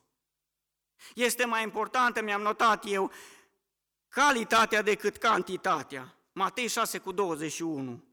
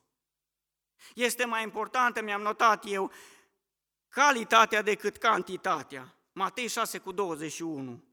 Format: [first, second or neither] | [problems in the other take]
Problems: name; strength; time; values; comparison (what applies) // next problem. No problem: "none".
second | distortion; slight; 10 dB below the speech